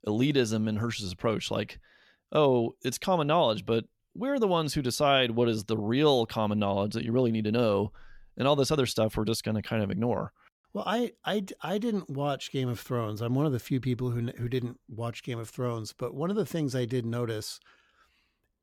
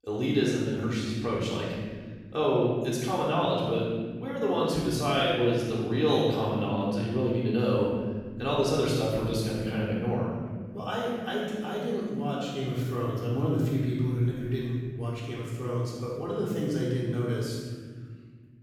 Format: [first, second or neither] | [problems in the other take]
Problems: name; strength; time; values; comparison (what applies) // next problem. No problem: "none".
first | off-mic speech; far // room echo; strong; dies away in 1.7 s